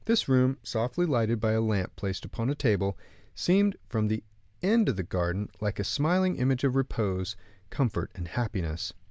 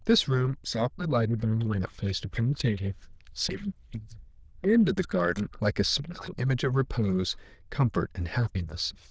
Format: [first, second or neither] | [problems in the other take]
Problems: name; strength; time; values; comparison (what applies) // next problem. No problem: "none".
first | noise reduction (neural diffusion model UNIVERSE++)